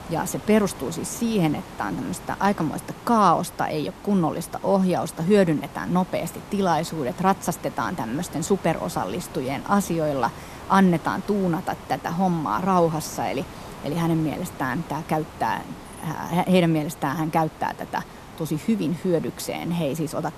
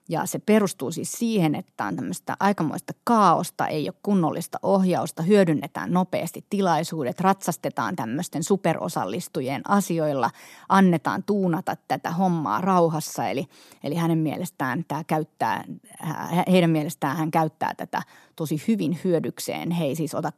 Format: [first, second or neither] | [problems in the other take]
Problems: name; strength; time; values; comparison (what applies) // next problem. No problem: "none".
second | hiss; noticeable; throughout; 15 dB below the speech